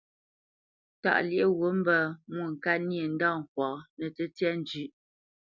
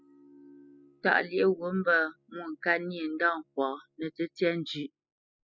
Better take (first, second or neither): first